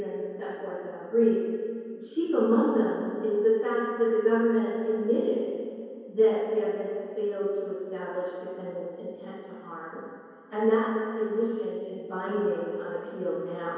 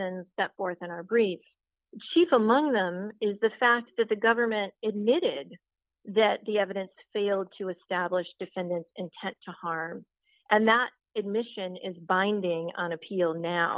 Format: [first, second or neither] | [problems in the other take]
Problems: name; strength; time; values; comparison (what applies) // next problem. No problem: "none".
second | room echo; dies away in 2.2 s